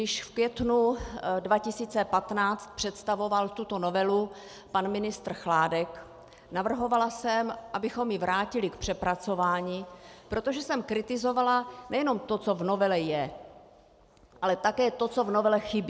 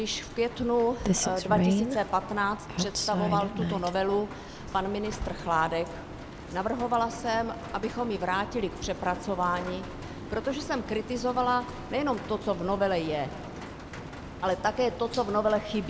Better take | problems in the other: first | background sound (Rain); 6 dB below the speech

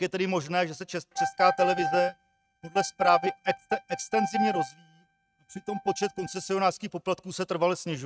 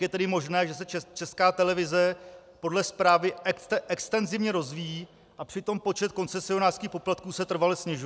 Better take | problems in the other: second | noise reduction (neural mask model RNNoise)

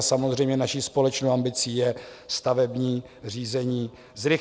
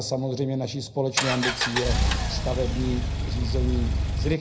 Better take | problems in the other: first | background sound (Engine); 3 dB above the speech // room echo; dies away in 0.4 s

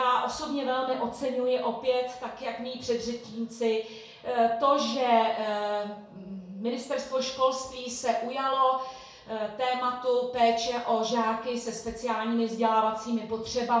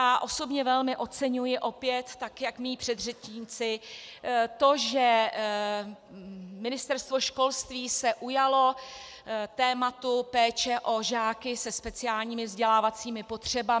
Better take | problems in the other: second | room echo; dies away in 0.6 s

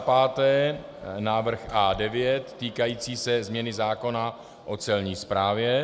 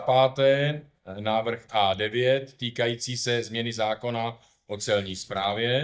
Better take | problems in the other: first | noise reduction (neural mask model DeepFilterNet 3)

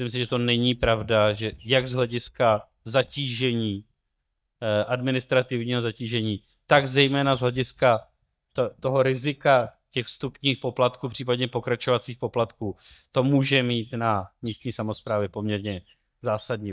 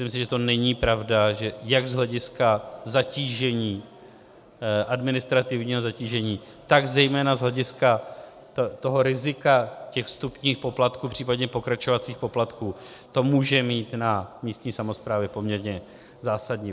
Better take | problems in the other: second | noise reduction (neural mask model DeepFilterNet 3)

